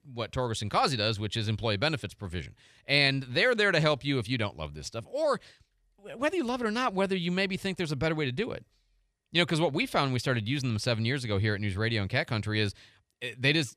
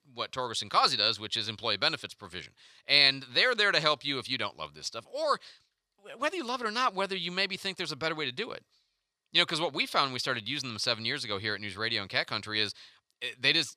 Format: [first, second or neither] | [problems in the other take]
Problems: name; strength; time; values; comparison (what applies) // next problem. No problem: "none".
first | thin; somewhat; fading below 1 kHz